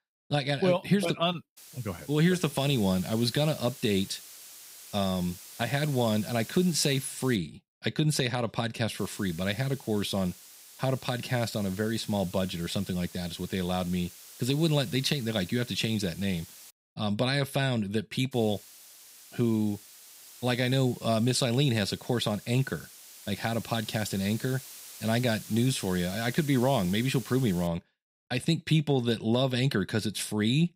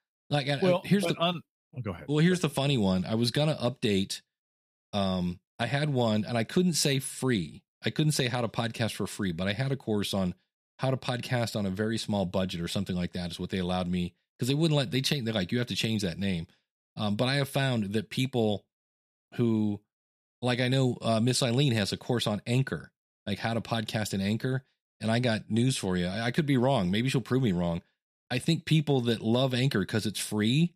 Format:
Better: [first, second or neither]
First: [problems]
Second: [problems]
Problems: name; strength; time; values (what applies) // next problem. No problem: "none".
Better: second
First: hiss; noticeable; from 1.5 to 7.5 s, from 9 to 17 s and from 18 to 28 s; 15 dB below the speech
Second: none